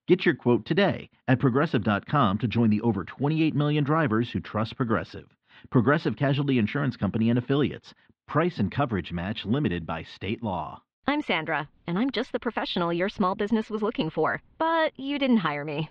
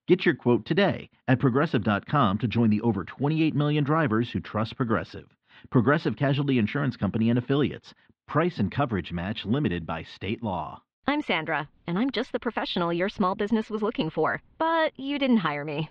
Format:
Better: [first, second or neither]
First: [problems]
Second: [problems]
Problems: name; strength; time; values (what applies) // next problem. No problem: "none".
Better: neither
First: muffled; very; fading above 3.5 kHz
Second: muffled; very; fading above 3.5 kHz